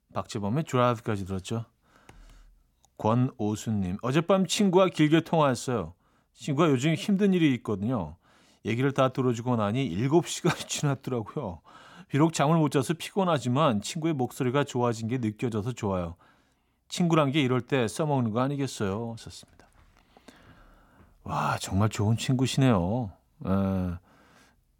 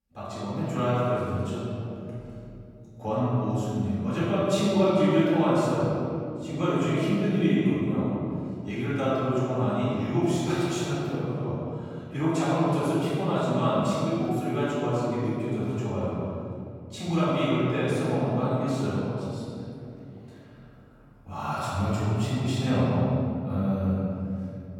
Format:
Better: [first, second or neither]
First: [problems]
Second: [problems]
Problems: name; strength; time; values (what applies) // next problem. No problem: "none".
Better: first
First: none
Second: room echo; strong; dies away in 2.8 s // off-mic speech; far